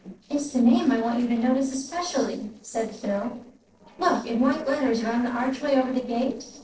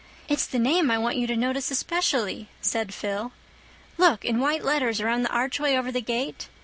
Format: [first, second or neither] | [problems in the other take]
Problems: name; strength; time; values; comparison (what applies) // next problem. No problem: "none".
second | noise reduction (neural separator model SepFormer DNS4)